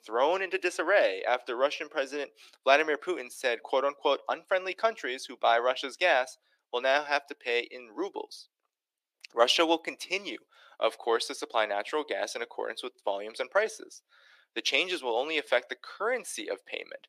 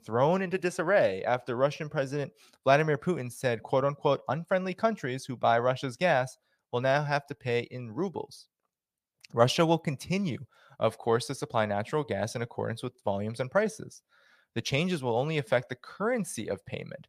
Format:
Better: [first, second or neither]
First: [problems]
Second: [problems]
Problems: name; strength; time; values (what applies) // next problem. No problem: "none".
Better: second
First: thin; very; fading below 300 Hz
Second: none